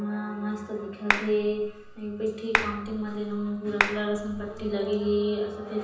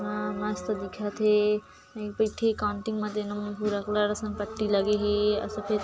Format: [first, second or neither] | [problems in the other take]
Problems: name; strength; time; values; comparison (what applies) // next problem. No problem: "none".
second | background sound (Clapping); 3 dB below the speech // room echo; dies away in 0.9 s